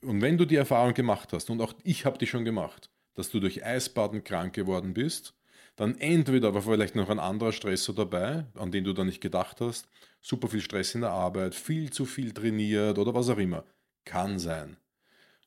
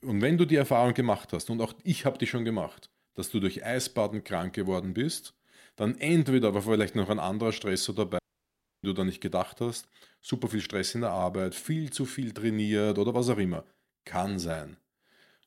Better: first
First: none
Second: audio cutting out; at 8 s for 0.5 s

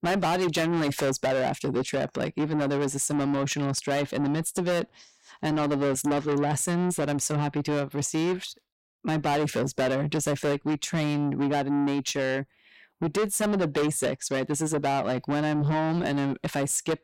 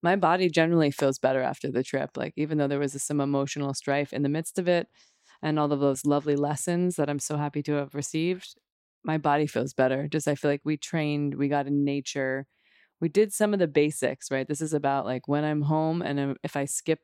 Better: second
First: distortion; heavy; 6 dB below the speech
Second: none

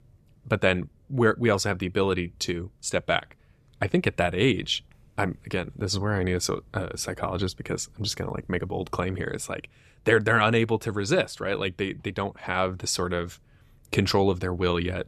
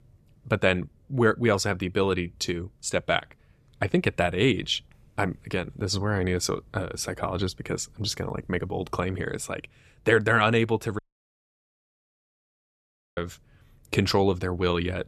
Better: first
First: none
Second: audio cutting out; at 11 s for 2 s

